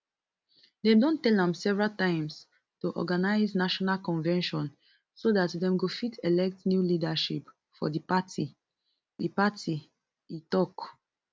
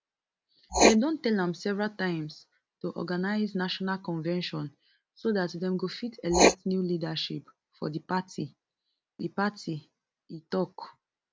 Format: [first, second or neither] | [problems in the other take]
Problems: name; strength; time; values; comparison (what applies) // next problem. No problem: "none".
first | background sound (Writing); 2 dB below the speech